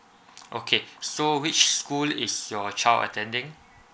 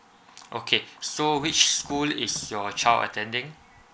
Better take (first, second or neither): first